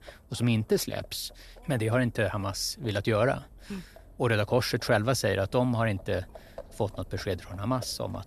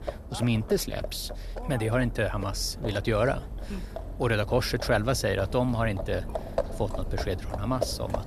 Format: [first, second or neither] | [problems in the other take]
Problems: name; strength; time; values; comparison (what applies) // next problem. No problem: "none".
first | animal sounds; loud; throughout; 8 dB below the speech; faint in the first